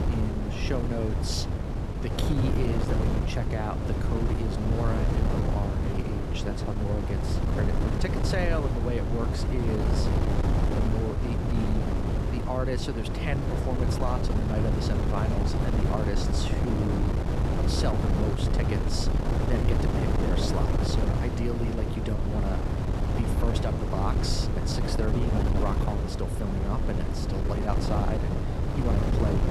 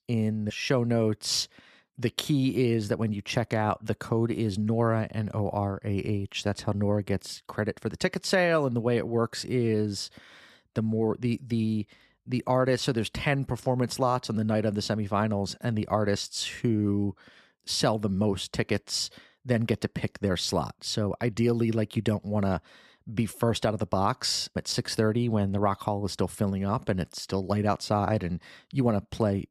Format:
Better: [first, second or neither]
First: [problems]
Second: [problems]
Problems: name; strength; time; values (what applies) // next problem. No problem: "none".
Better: second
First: wind noise on the microphone; heavy; 1 dB above the speech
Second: none